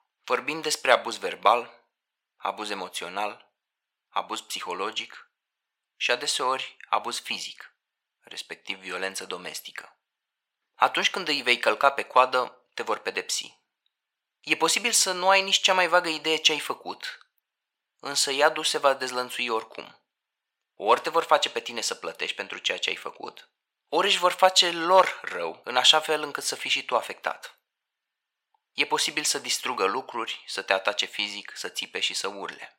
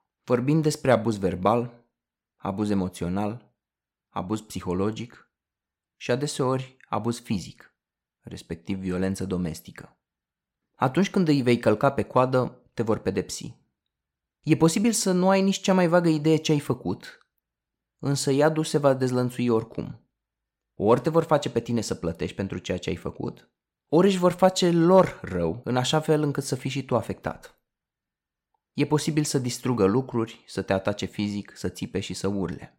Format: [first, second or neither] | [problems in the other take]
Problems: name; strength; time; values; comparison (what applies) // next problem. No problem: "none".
second | thin; very; fading below 850 Hz